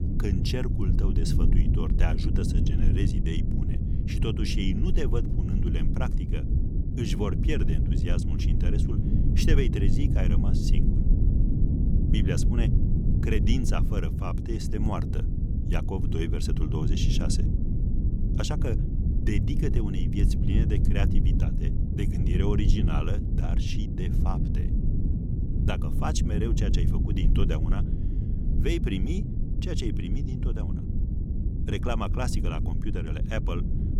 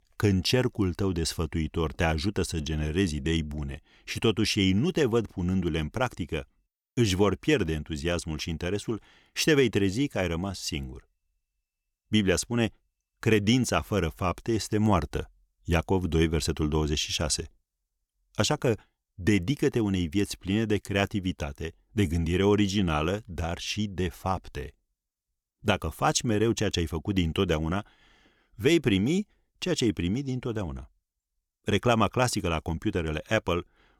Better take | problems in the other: second | low rumble; loud; throughout; 3 dB below the speech

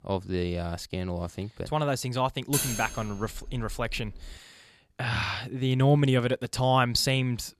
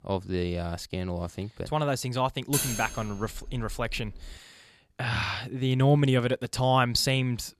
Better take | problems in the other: neither | clattering dishes; noticeable; from 2.5 to 4.5 s; peak level with the speech; the same in both

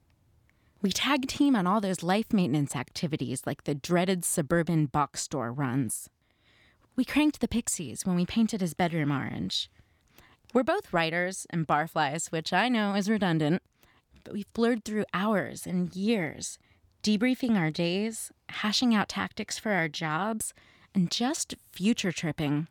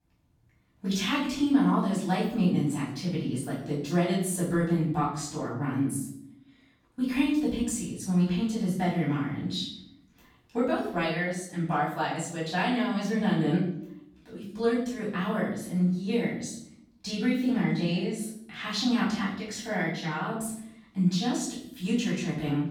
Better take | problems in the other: first | off-mic speech; far // room echo; noticeable; dies away in 0.6 s

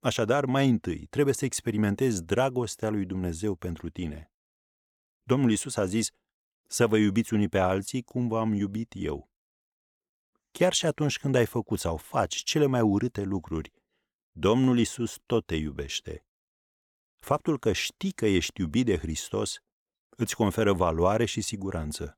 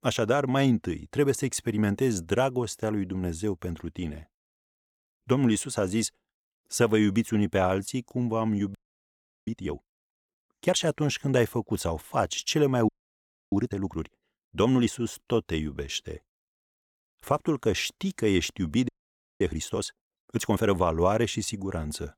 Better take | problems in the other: first | audio freezing; at 9 s for 0.5 s, at 13 s for 0.5 s and at 19 s for 0.5 s

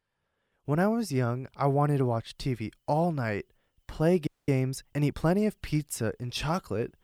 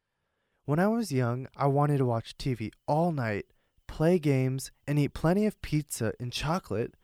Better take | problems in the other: second | audio freezing; at 4.5 s

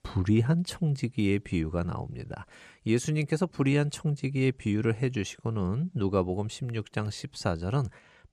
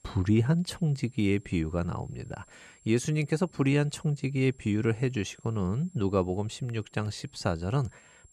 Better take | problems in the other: first | high-pitched whine; faint; throughout; 7.5 kHz, 30 dB below the speech

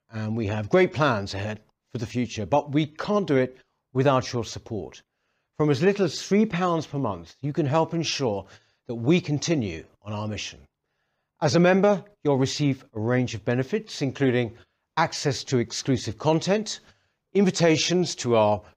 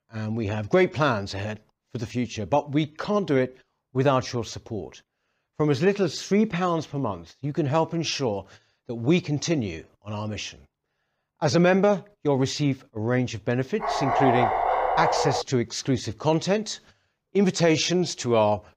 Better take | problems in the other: first | dog barking; loud; from 14 to 15 s; peak 3 dB above the speech

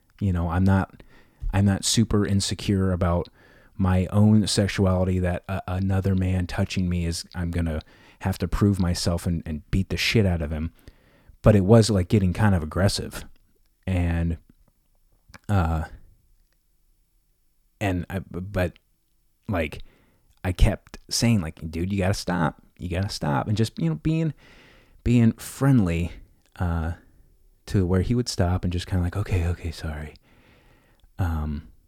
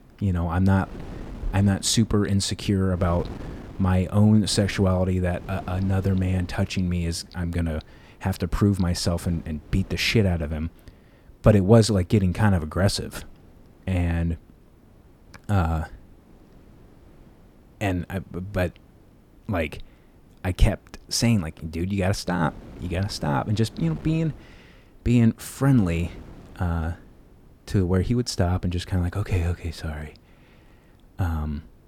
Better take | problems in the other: first | wind noise on the microphone; occasional gusts; 20 dB below the speech

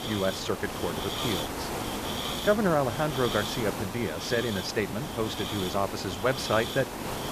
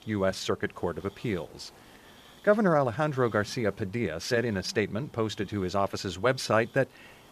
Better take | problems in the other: second | hiss; loud; throughout; 4 dB below the speech; faint in the second

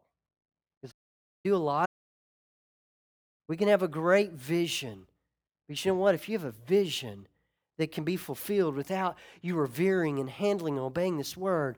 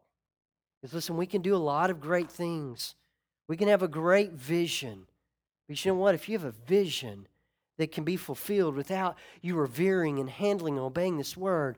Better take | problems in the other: second | audio cutting out; at 1 s for 0.5 s and at 2 s for 1.5 s

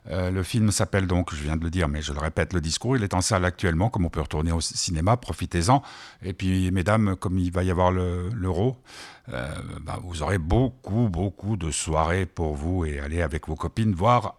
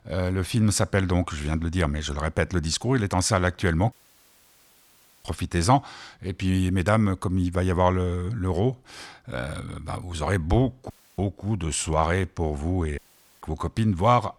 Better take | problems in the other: first | audio cutting out; at 4 s for 1.5 s, at 11 s and at 13 s

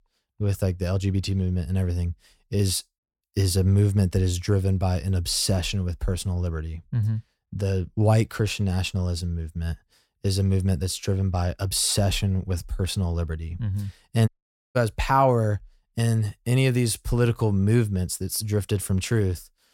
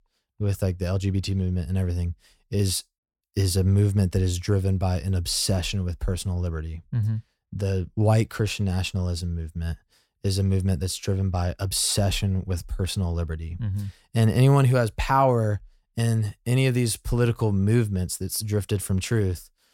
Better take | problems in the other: second | audio cutting out; at 14 s

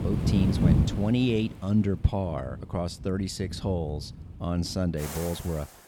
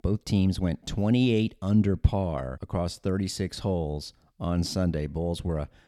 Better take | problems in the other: second | rain or running water; loud; throughout; as loud as the speech

